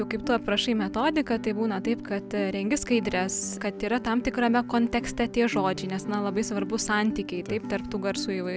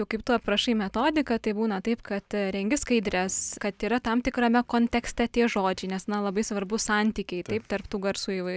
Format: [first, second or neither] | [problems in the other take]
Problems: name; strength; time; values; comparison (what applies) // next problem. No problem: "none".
second | background sound (Guitar); 9 dB below the speech